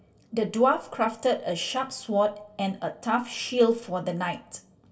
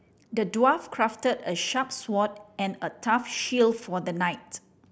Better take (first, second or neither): second